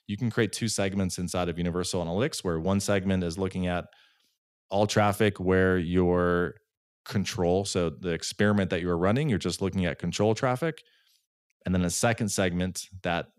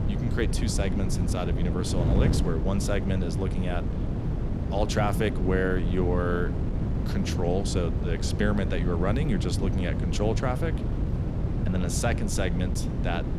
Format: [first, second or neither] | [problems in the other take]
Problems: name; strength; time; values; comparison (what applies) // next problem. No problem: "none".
first | wind noise on the microphone; heavy; 6 dB below the speech